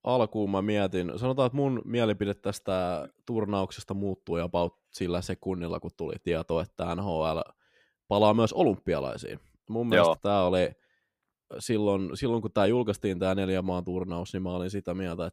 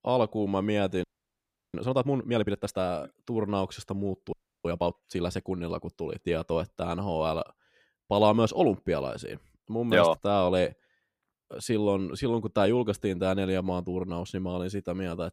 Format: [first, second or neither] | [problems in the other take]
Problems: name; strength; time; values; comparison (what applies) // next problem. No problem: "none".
first | audio freezing; at 1 s for 0.5 s and at 4.5 s